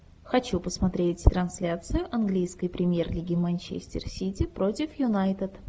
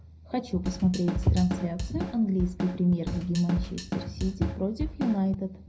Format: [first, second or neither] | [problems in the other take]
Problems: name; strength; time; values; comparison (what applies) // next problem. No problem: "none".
first | background sound (Drum kit); 6 dB below the speech // room echo; dies away in 0.4 s